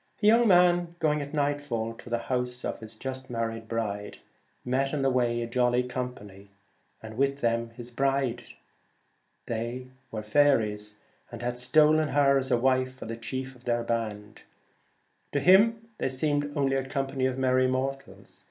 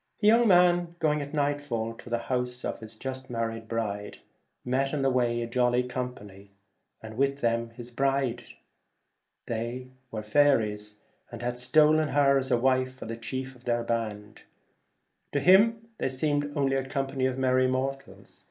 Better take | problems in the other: first | noise reduction (neural mask model Resemble Enhance denoiser)

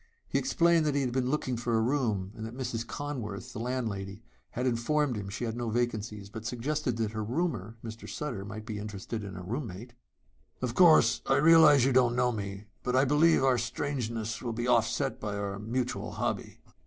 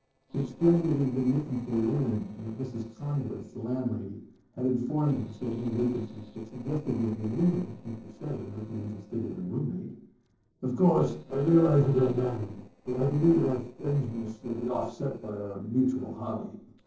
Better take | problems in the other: first | noise reduction (neural separator model SepFormer DNS4)

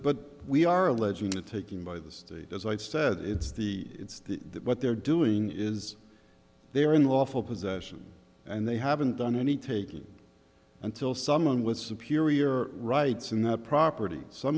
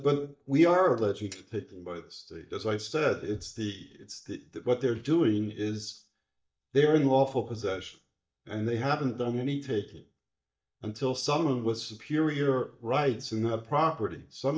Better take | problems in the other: first | noise reduction (neural mask model DeepFilterNet 3)

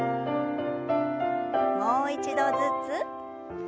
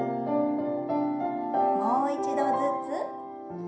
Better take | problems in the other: first | background sound (Alarm); 15 dB below the speech // room echo; dies away in 0.5 s

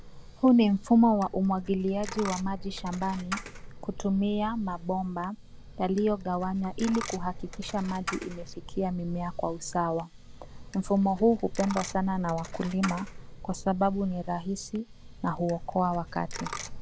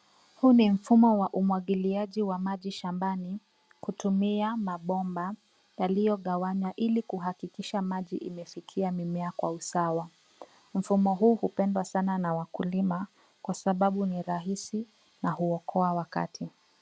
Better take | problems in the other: second | background sound (Coin (dropping)); 11 dB below the speech

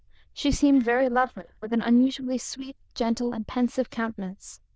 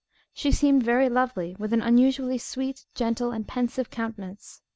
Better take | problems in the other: second | noise reduction (neural diffusion model UNIVERSE++)

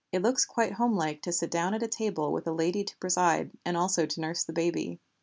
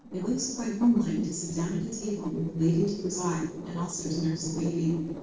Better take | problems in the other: first | noise reduction (neural separator model SepFormer DNS4)

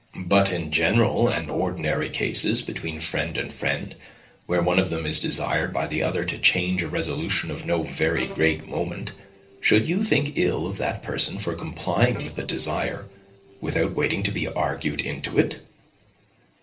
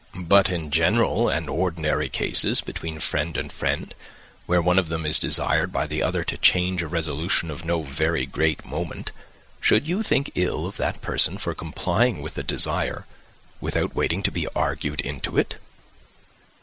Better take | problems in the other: second | noise reduction (neural separator model SepFormer DNS4)

